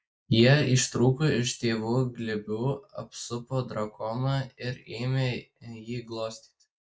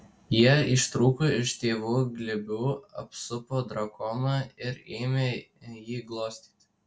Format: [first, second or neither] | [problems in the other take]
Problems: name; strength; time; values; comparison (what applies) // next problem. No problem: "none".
second | noise reduction (neural mask model Resemble Enhance denoiser)